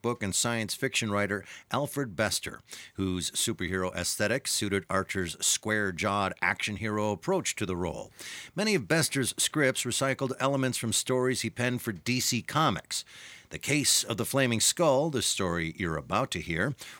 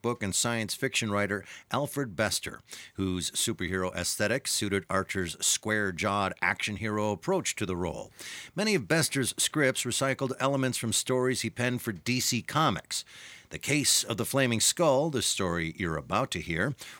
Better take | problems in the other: neither | none

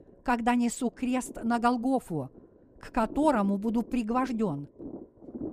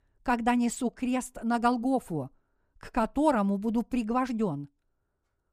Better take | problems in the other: second | low rumble; noticeable; throughout; 20 dB below the speech

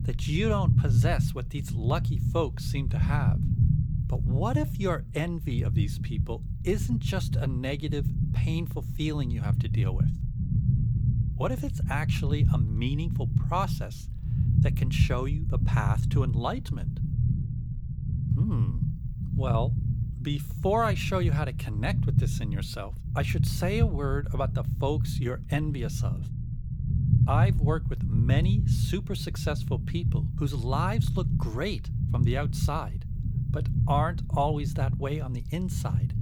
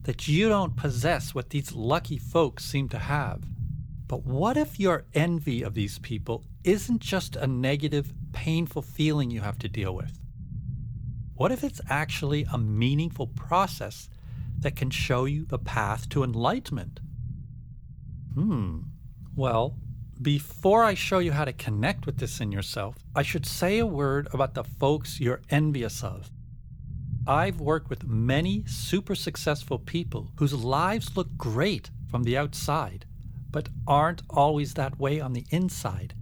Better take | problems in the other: second | low rumble; loud; throughout; 7 dB below the speech; faint in the second

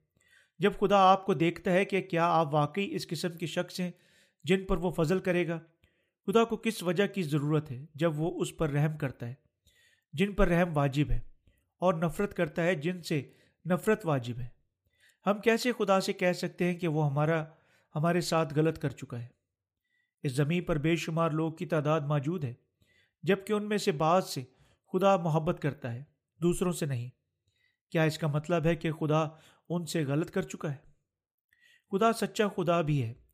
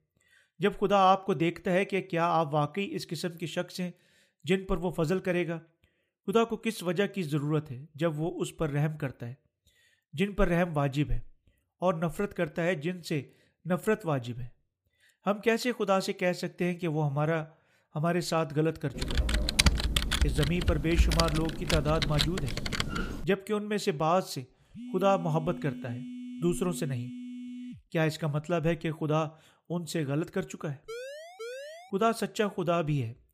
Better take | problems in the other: first | keyboard typing; loud; from 19 to 23 s; peak 6 dB above the speech // phone ringing; faint; from 25 to 28 s; peak 10 dB below the speech // siren; faint; from 31 to 32 s; peak 10 dB below the speech

